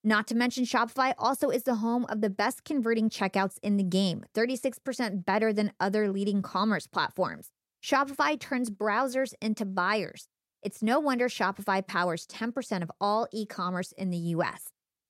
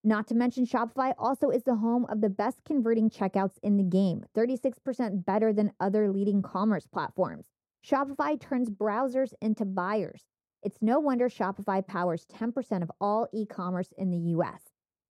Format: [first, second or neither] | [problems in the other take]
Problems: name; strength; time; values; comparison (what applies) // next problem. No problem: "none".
first | muffled; slightly; fading above 1.5 kHz